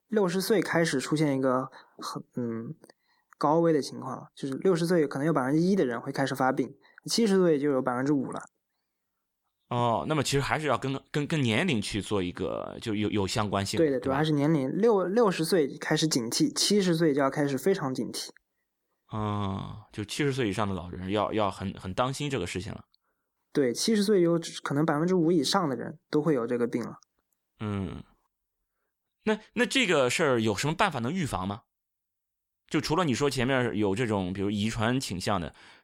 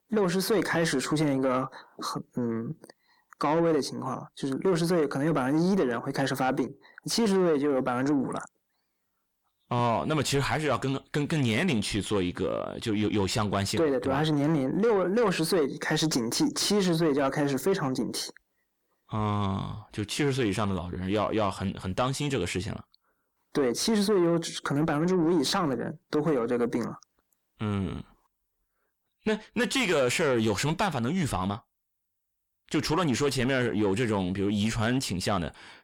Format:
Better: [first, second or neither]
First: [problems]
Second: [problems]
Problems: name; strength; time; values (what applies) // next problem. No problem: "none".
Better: first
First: none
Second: distortion; slight; 10 dB below the speech